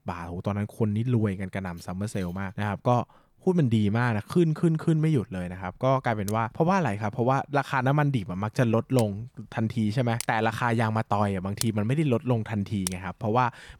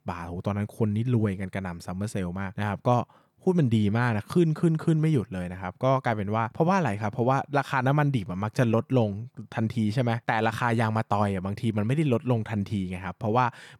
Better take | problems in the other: second | household noises; noticeable; throughout; 10 dB below the speech

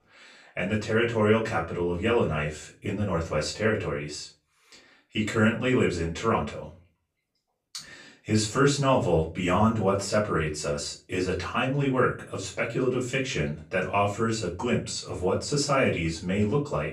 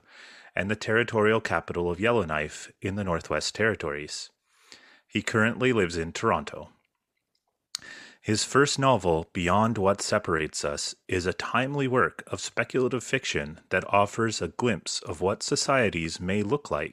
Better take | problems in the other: second | off-mic speech; far // room echo; slight; dies away in 0.3 s

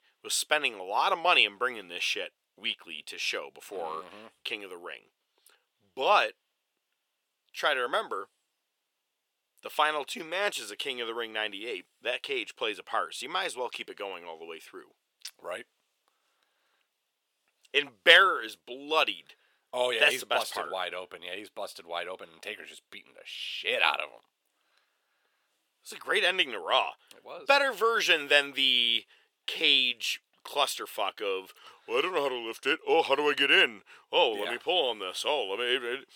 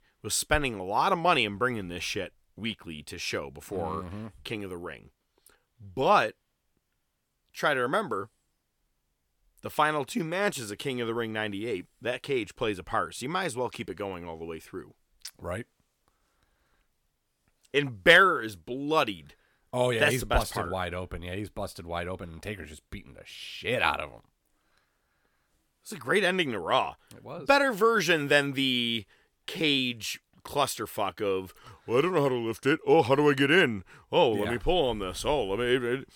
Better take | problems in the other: second | thin; somewhat; fading below 550 Hz

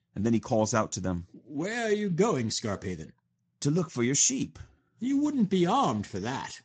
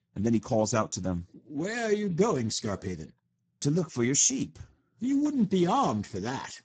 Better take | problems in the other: first | garbled, watery; badly; slightly in the first

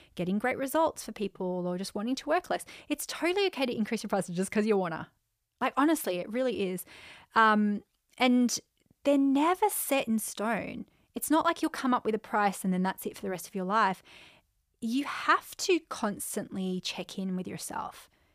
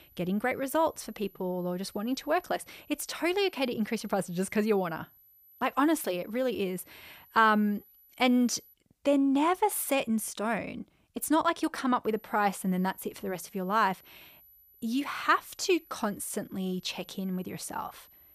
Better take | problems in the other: first | high-pitched whine; faint; until 8.5 s and from 12 s on; 12 kHz, 25 dB below the speech

